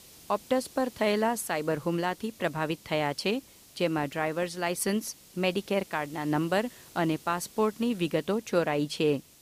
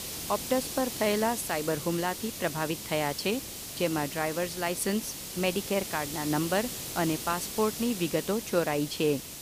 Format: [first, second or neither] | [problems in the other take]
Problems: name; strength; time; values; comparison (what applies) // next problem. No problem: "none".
first | hiss; loud; throughout; 6 dB below the speech; faint in the first